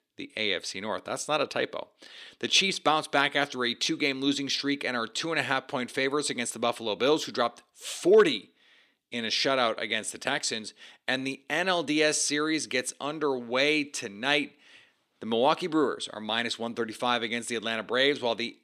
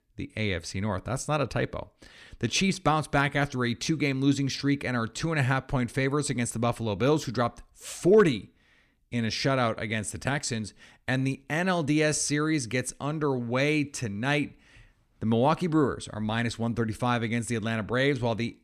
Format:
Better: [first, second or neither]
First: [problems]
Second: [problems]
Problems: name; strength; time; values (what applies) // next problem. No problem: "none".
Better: second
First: thin; somewhat; fading below 350 Hz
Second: none